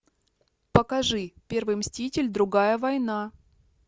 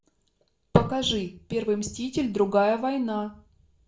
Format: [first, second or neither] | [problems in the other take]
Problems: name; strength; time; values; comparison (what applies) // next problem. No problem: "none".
first | room echo; dies away in 0.4 s